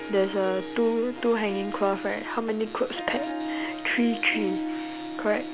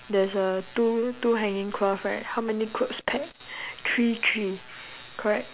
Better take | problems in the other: second | background sound (Harp); 7 dB below the speech

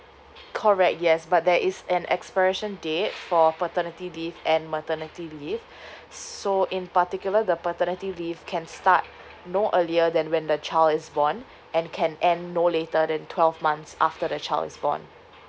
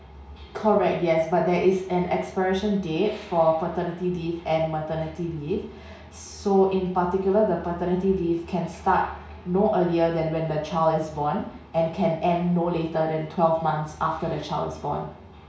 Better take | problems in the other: first | room echo; dies away in 0.6 s

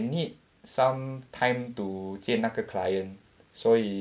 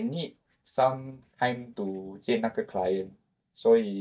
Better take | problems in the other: first | noise reduction (neural mask model DeepFilterNet 3)

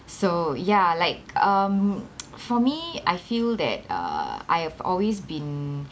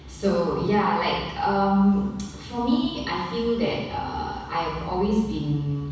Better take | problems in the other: first | room echo; dies away in 1.1 s

